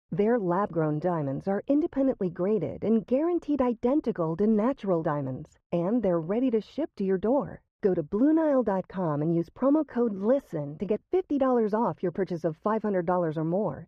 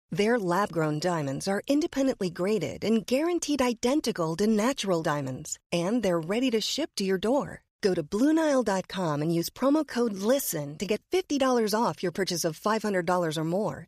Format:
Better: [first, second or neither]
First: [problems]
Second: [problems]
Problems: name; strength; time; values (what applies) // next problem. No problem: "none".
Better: second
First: muffled; very; fading above 3 kHz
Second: none